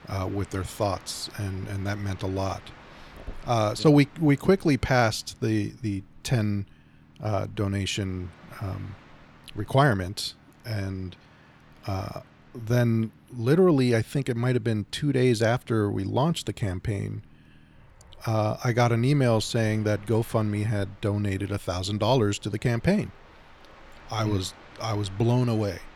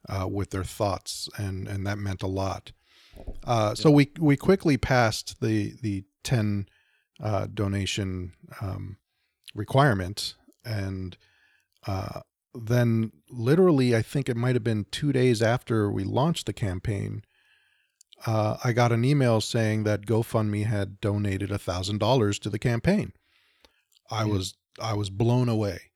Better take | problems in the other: second | train or aircraft noise; faint; throughout; 25 dB below the speech

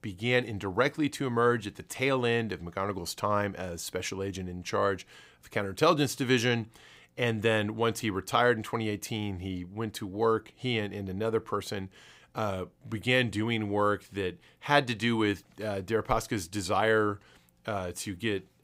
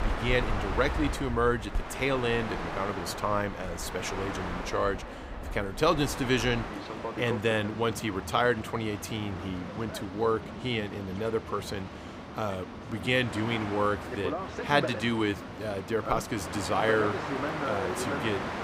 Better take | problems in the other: first | train or aircraft noise; loud; throughout; 6 dB below the speech

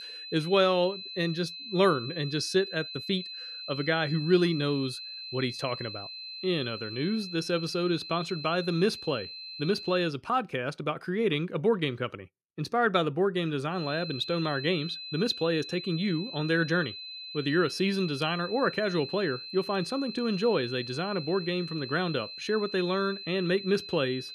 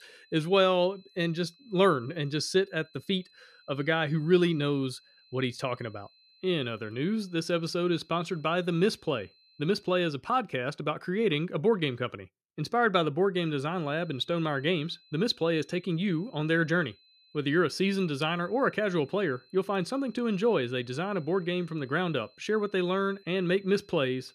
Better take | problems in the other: second | high-pitched whine; loud; until 10 s and from 14 s on; 4 kHz, 9 dB below the speech; faint in the second

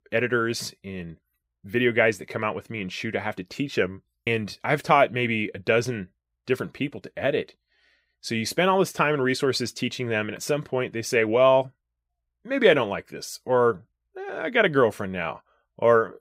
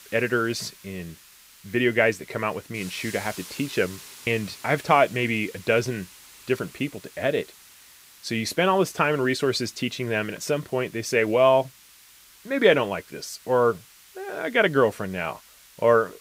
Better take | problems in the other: first | hiss; faint; throughout; 20 dB below the speech

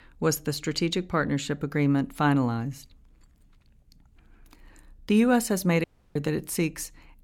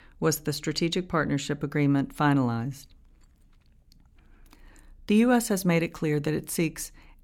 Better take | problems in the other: second | audio cutting out; at 6 s

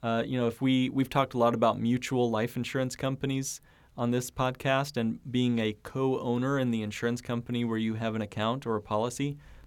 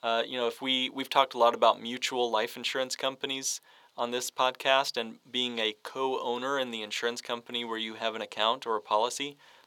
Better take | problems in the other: first | thin; very; fading below 550 Hz

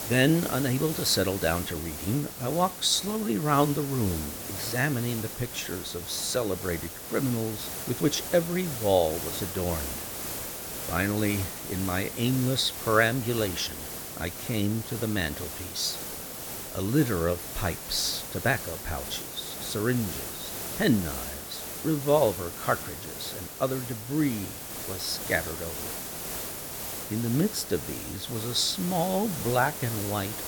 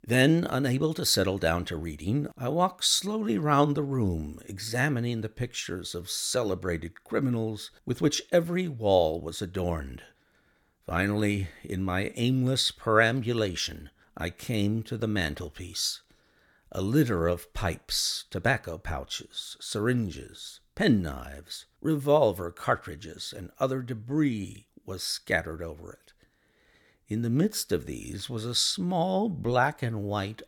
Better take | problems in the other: second | hiss; loud; throughout; 6 dB below the speech

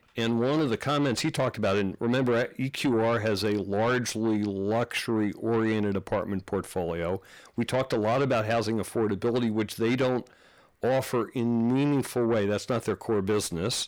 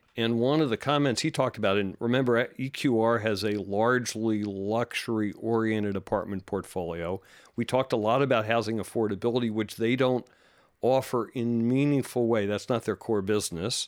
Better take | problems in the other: second | distortion; slight; 10 dB below the speech

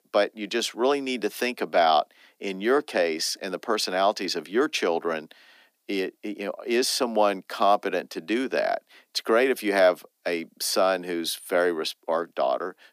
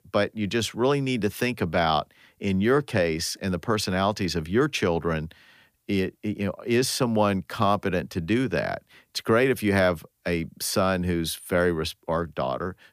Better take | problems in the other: second | thin; somewhat; fading below 250 Hz

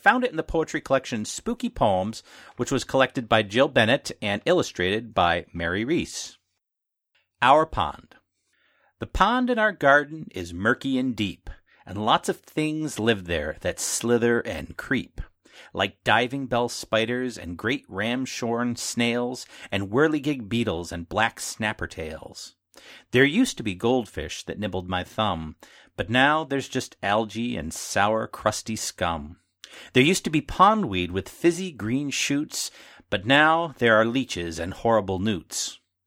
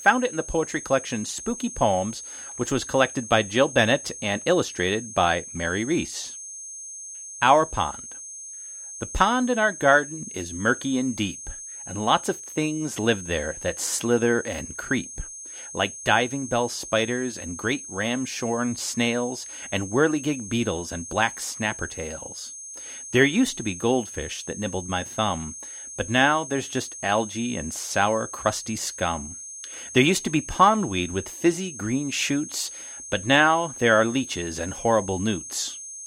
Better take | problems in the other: first | high-pitched whine; noticeable; throughout; 6.5 kHz, 10 dB below the speech

